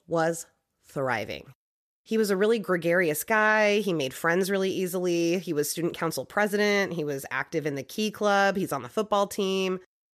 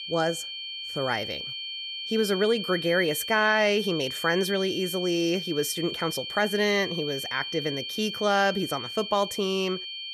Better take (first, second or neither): first